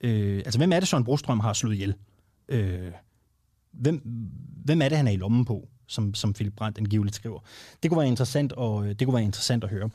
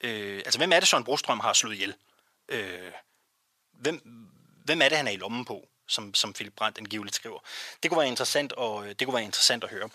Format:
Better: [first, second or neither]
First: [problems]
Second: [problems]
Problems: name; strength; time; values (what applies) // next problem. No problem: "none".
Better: first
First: none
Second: thin; very; fading below 600 Hz